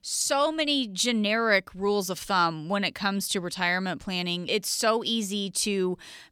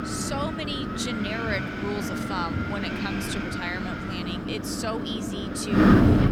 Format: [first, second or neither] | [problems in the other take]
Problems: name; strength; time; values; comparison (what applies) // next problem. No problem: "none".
first | wind noise on the microphone; heavy; 3 dB above the speech